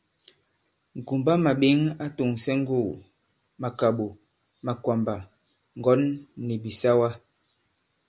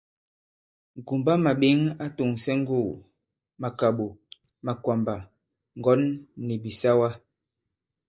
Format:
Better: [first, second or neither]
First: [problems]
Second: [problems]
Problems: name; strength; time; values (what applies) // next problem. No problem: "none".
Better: first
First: none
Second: noise reduction (neural mask model DeepFilterNet 3)